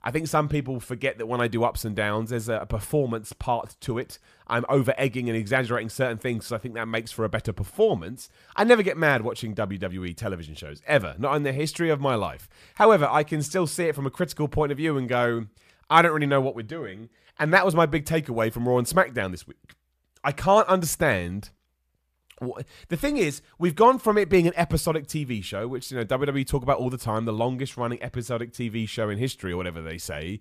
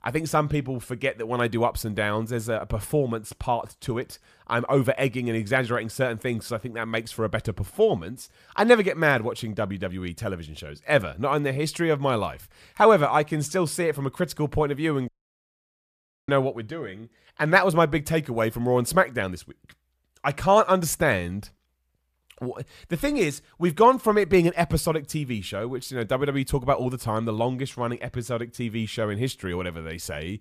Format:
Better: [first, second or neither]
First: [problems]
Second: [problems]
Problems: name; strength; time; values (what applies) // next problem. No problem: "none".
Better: first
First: none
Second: audio cutting out; at 15 s for 1 s